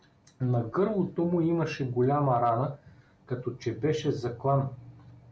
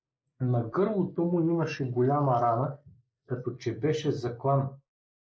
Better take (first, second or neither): first